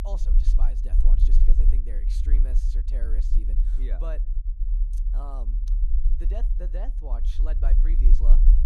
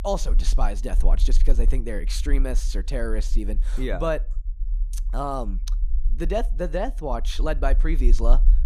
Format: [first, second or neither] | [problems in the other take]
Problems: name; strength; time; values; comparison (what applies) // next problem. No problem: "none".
second | low rumble; loud; throughout; 4 dB below the speech; faint in the second